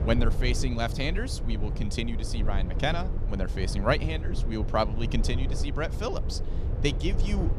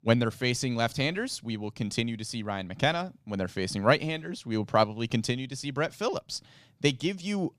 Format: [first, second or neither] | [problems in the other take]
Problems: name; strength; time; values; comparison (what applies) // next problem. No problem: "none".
second | low rumble; noticeable; throughout; 10 dB below the speech